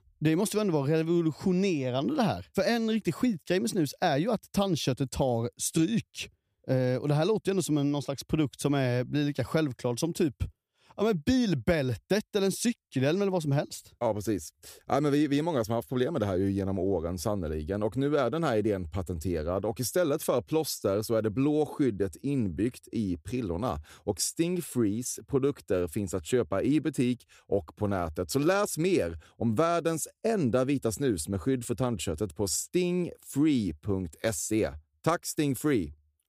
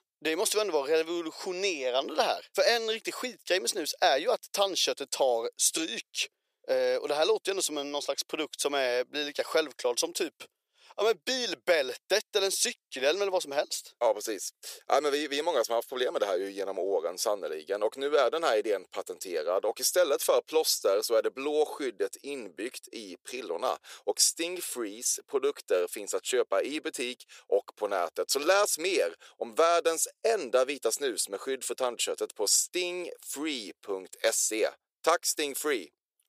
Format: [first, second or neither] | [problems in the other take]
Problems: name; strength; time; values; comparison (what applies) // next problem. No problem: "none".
first | thin; very; fading below 450 Hz